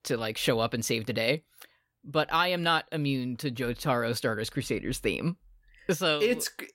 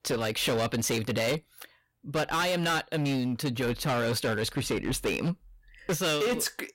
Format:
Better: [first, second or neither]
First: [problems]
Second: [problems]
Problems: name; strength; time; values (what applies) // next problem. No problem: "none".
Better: first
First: none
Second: distortion; heavy; 19% of the sound clipped